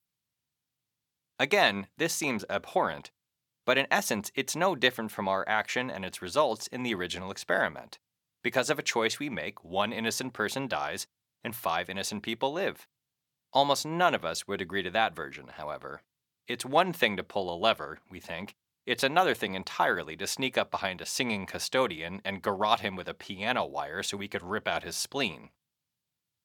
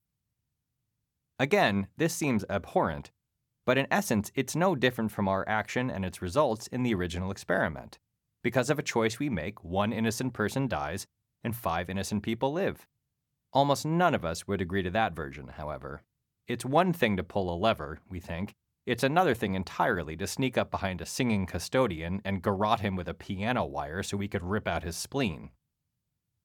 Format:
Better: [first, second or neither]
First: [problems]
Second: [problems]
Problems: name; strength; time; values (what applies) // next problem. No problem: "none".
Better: second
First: thin; very slightly; fading below 1 kHz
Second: none